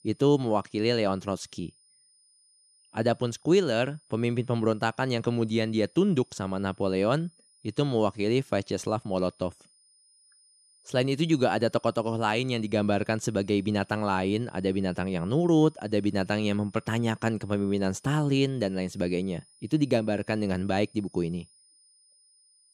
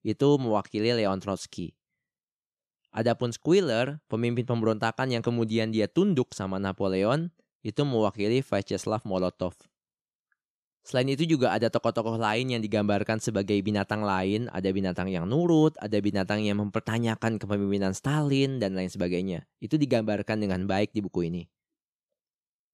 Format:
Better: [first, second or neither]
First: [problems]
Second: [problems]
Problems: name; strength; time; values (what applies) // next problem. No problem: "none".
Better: second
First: high-pitched whine; faint; throughout; 9.5 kHz, 30 dB below the speech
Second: none